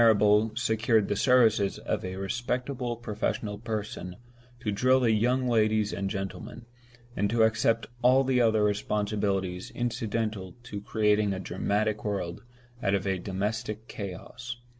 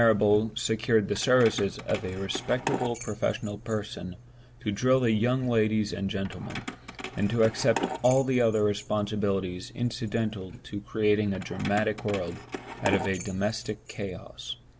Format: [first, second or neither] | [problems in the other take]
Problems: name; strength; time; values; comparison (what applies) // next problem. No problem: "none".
first | background sound (Keys jangling); 13 dB below the speech